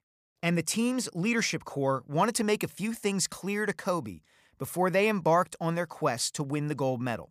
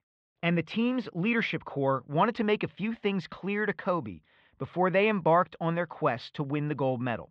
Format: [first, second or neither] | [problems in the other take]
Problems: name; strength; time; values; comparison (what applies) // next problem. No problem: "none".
first | muffled; very; fading above 3.5 kHz